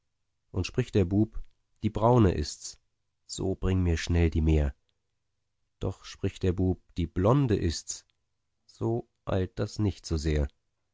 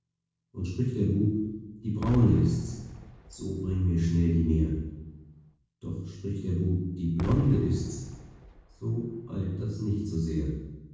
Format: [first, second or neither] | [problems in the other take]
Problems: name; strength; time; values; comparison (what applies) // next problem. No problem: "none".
first | background sound (Explosion); 14 dB below the speech // room echo; dies away in 1.2 s